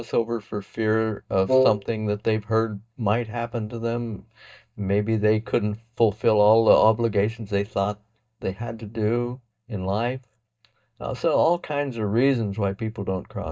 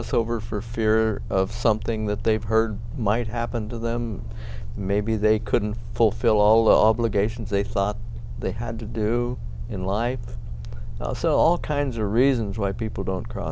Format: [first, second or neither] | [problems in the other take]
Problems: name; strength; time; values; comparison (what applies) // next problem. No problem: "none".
second | noise reduction (neural mask model DeepFilterNet 3)